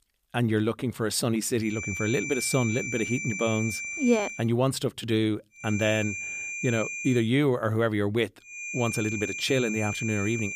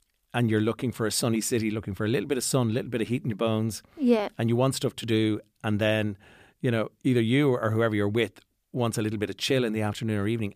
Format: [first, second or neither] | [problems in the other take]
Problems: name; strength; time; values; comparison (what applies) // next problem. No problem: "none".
second | high-pitched whine; loud; from 1.5 to 4.5 s, from 5.5 to 7 s and from 8.5 s on; 2.5 kHz, 5 dB below the speech